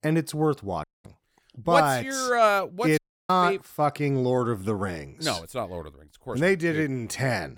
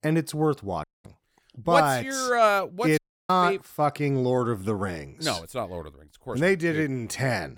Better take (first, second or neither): neither